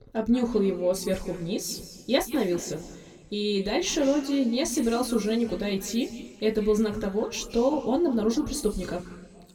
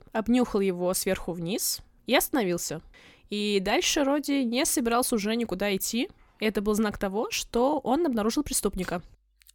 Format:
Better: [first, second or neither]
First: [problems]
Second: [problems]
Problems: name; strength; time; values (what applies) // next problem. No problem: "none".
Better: second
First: room echo; slight; dies away in 1.6 s // off-mic speech; somewhat distant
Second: none